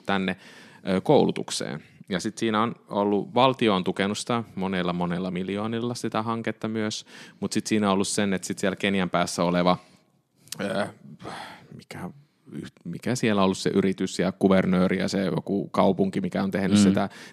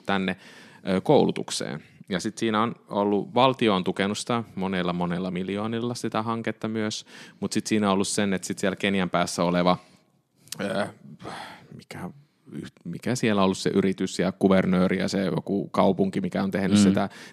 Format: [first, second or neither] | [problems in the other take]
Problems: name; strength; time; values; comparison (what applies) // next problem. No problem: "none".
neither | none